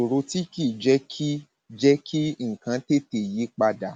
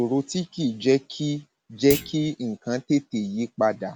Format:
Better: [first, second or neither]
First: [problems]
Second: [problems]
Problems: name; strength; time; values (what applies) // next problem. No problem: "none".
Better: first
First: none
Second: background sound (Thump, thud); 13 dB below the speech